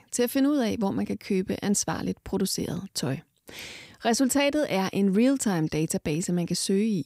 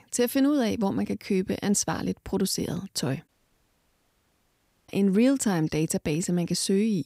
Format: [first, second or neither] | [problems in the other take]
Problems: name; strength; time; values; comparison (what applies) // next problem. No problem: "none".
first | audio cutting out; at 3.5 s for 1.5 s